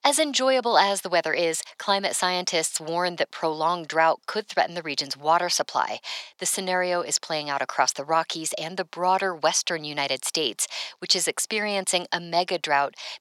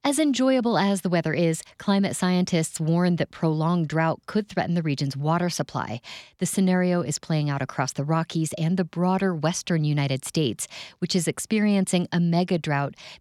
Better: second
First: thin; very; fading below 650 Hz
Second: none

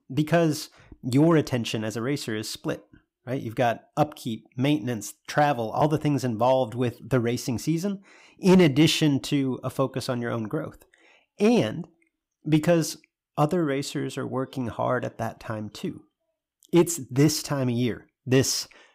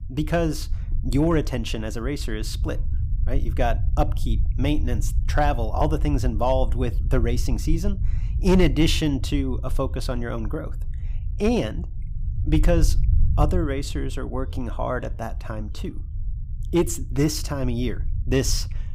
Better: first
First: none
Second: low rumble; noticeable; throughout; 20 dB below the speech

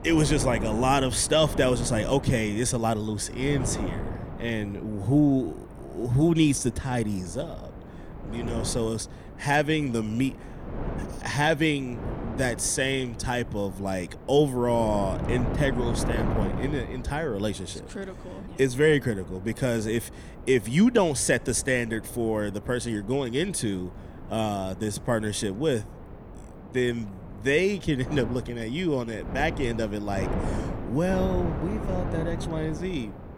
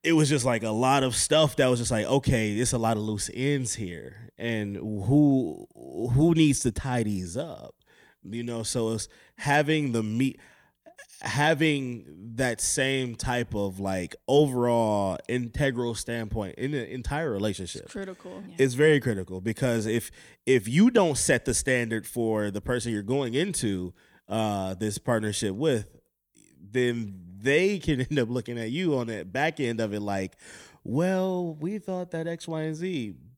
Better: second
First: wind noise on the microphone; occasional gusts; 10 dB below the speech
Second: none

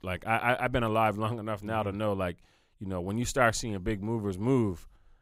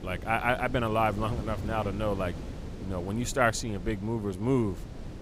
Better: first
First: none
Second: wind noise on the microphone; occasional gusts; 15 dB below the speech

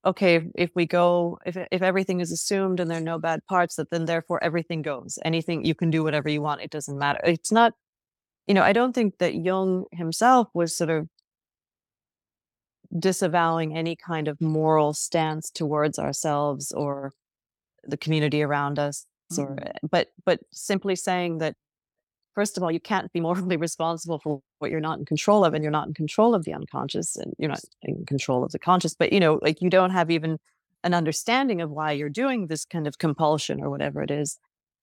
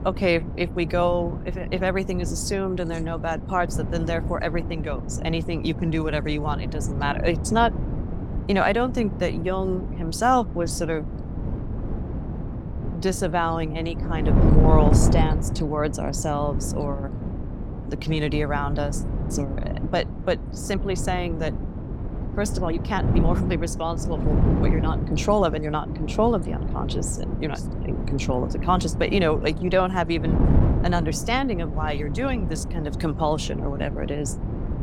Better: first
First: none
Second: wind noise on the microphone; heavy; 10 dB below the speech

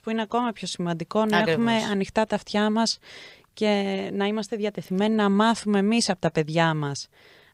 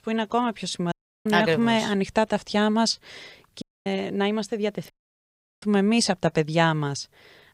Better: first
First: none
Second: audio cutting out; at 1 s, at 3.5 s and at 5 s for 0.5 s

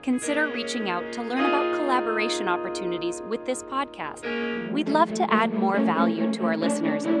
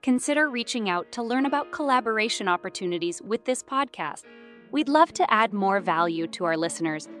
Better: second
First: background music; loud; throughout; 1 dB below the speech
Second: background music; faint; throughout; 25 dB below the speech

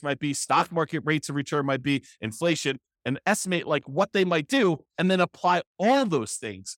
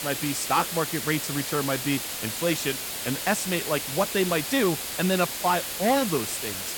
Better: first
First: none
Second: hiss; loud; throughout; 3 dB below the speech

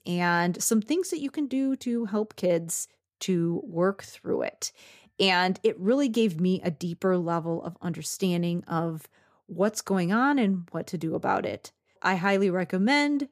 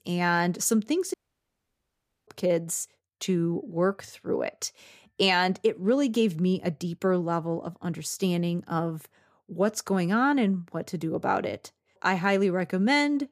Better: first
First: none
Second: audio cutting out; at 1 s for 1 s

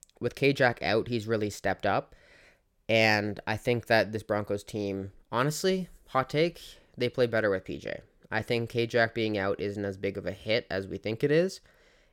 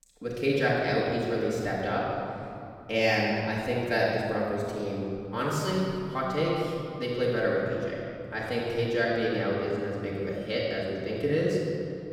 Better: first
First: none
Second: room echo; strong; dies away in 2.5 s // off-mic speech; far

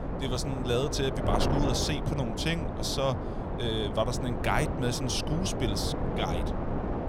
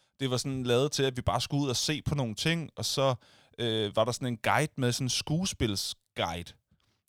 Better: second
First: wind noise on the microphone; heavy; 3 dB below the speech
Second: none

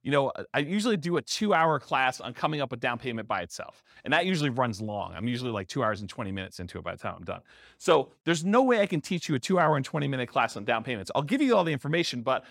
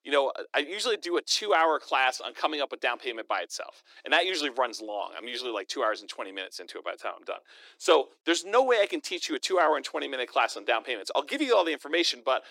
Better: first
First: none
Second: thin; very; fading below 300 Hz

